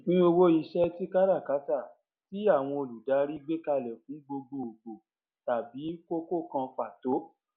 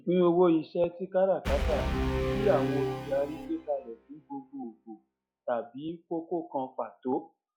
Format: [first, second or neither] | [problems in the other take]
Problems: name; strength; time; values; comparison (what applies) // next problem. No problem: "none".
first | noise reduction (classical method log-MMSE)